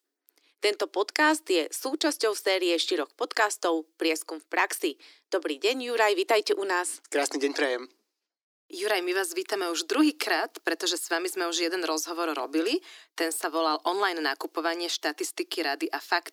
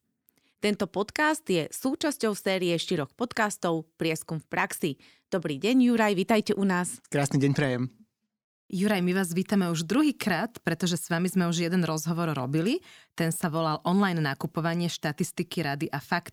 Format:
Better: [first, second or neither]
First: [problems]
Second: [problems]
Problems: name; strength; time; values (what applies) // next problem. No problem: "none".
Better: second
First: thin; very; fading below 300 Hz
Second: none